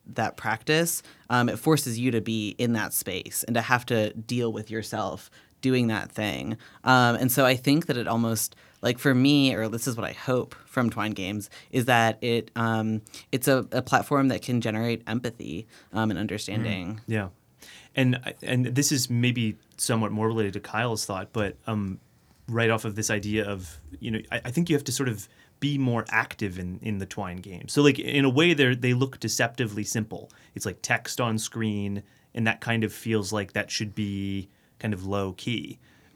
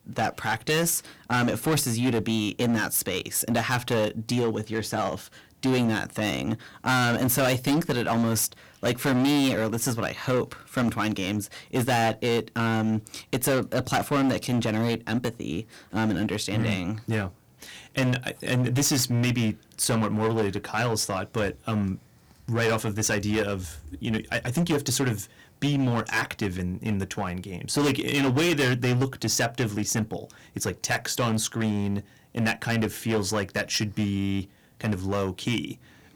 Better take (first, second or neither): first